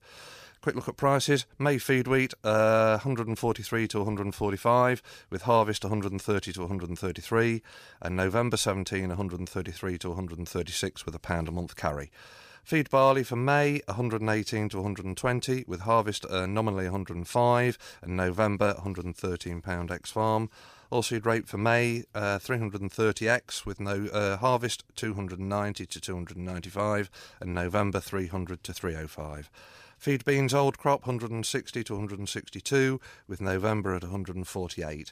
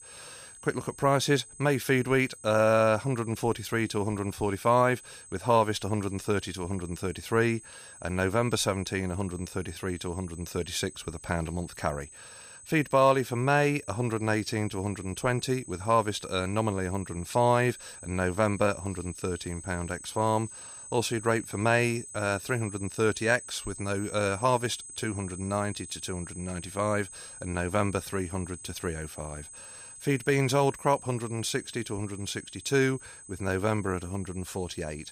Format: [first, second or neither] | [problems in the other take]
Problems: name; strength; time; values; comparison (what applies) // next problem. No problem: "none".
first | high-pitched whine; noticeable; throughout; 8 kHz, 15 dB below the speech